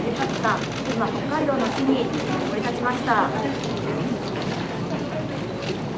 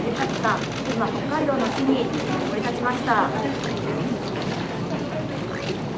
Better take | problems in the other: first | background sound (Marimba, xylophone); 15 dB below the speech

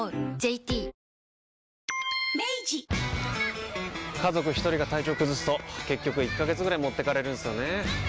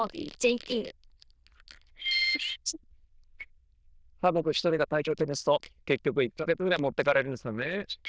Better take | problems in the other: first | noise reduction (neural diffusion model UNIVERSE++)

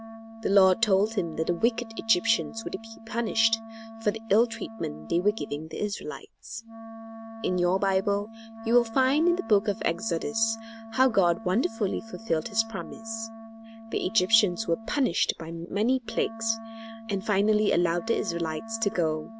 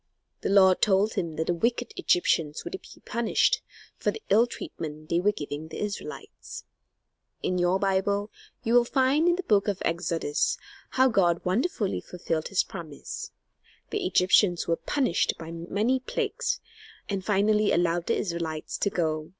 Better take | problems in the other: second | background sound (Wind instrument, woodwind instrument); 15 dB below the speech

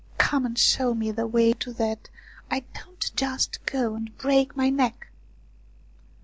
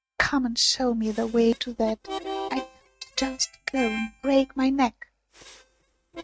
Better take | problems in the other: first | noise reduction (neural mask model RNNoise)

